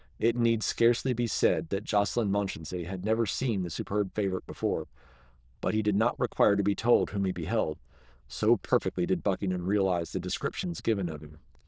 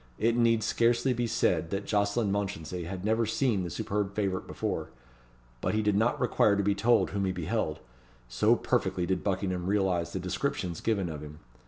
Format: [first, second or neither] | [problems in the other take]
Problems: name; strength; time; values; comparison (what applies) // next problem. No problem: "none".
second | noise reduction (neural diffusion model UNIVERSE++)